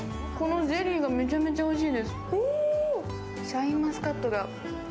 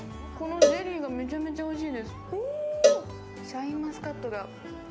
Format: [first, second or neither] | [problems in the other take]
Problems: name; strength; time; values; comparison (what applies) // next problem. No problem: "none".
first | background sound (Cowbell); 4 dB above the speech